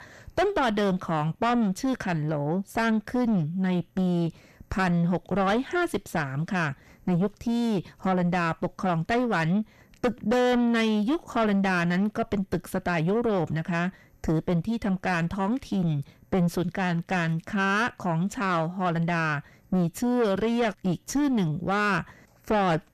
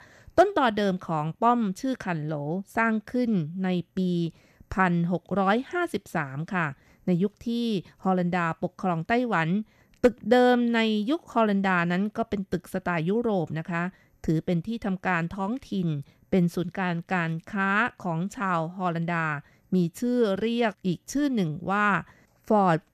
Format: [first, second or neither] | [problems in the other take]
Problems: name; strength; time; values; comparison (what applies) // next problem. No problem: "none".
second | distortion; heavy; 6 dB below the speech